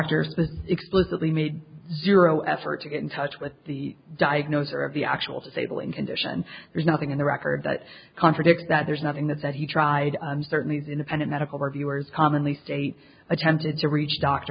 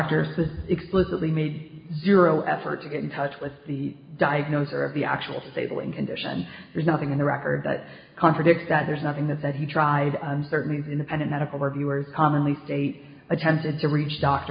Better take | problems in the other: first | room echo; dies away in 1.5 s

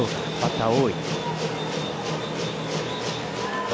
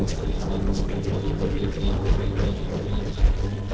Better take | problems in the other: first | noise reduction (neural separator model SepFormer DNS4)

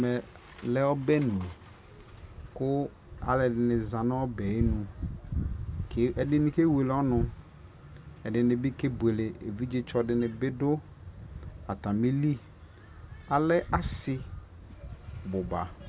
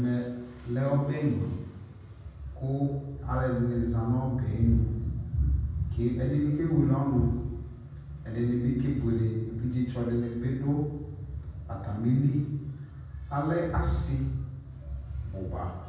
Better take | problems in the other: first | room echo; dies away in 1.2 s

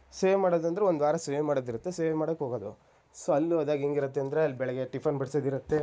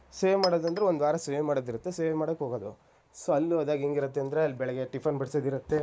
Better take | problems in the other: first | background sound (Chink, clink); 20 dB below the speech

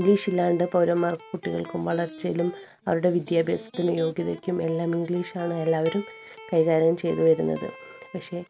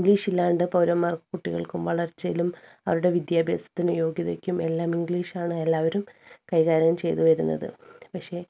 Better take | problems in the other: second | background sound (Electric guitar); 19 dB below the speech

